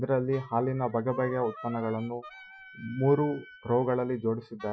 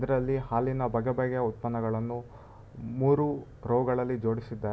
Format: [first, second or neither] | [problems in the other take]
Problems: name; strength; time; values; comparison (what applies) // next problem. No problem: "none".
second | noise reduction (classical method Wiener filter)